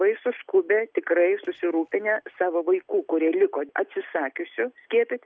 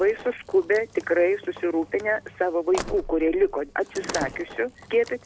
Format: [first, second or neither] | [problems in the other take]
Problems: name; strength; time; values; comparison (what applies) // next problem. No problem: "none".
first | background sound (Slam); 15 dB below the speech